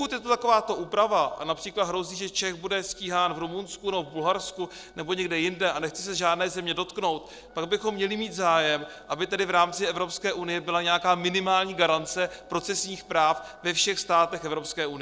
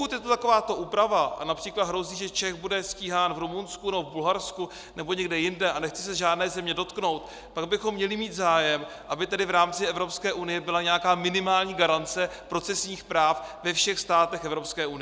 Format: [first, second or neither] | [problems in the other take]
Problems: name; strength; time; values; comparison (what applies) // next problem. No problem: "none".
second | noise reduction (neural separator model SepFormer DNS4)